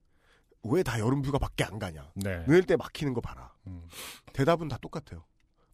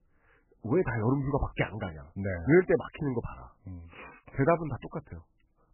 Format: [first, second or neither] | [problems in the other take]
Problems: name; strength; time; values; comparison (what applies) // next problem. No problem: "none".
first | garbled, watery; badly; nothing above 3 kHz